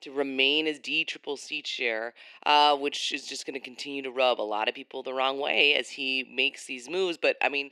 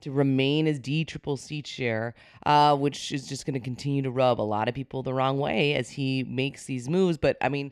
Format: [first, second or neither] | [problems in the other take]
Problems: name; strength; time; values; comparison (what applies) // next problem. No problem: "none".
second | thin; somewhat; fading below 300 Hz